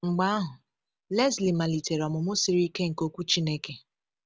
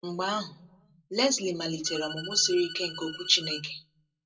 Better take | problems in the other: first | noise reduction (classical method WPE with log-MMSE)

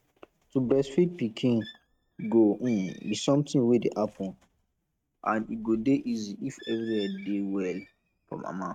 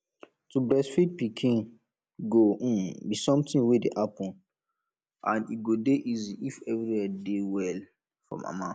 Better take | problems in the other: second | noise reduction (neural mask model RNNoise)

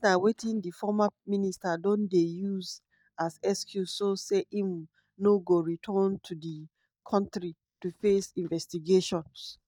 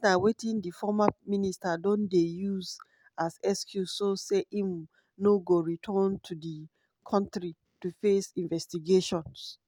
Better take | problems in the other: second | noise reduction (neural mask model DeepFilterNet 3)

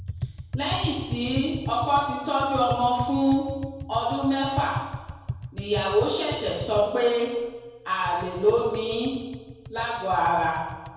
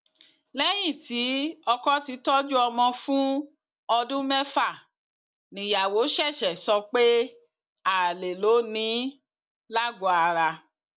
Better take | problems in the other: second | background sound (Tap); 10 dB below the speech // room echo; dies away in 1.2 s

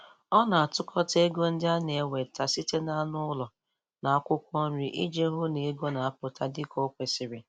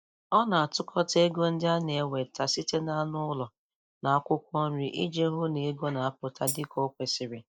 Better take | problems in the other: first | noise reduction (neural mask model DeepFilterNet 3)

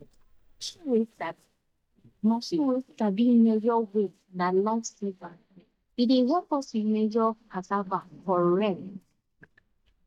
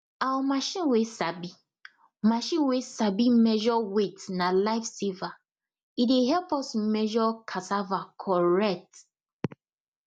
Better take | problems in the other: second | noise reduction (neural mask model DeepFilterNet 3)

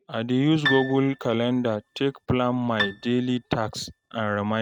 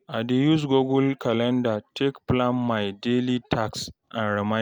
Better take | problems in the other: second | noise reduction (neural mask model RNNoise)

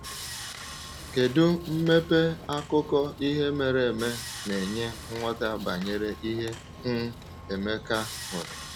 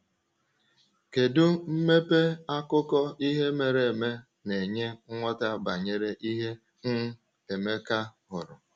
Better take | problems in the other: second | background sound (Sawing); 12 dB below the speech

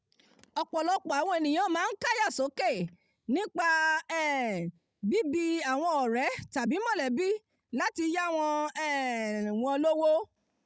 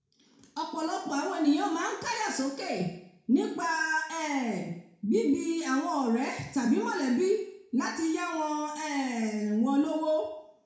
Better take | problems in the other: first | room echo; dies away in 0.6 s

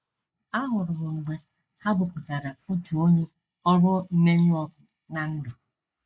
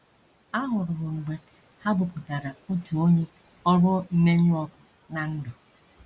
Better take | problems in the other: second | noise reduction (neural mask model Resemble Enhance denoiser)

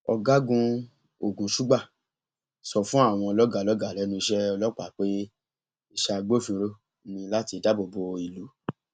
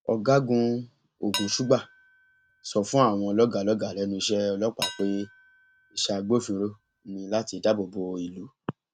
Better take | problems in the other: first | background sound (Dishes, pots, and pans); 15 dB below the speech

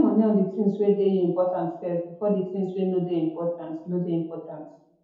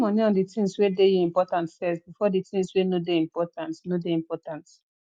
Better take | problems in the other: second | room echo; dies away in 0.8 s

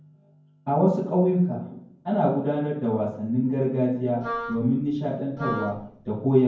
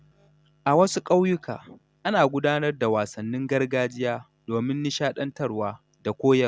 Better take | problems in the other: second | background sound (Wind instrument, woodwind instrument); 10 dB below the speech // room echo; dies away in 0.9 s

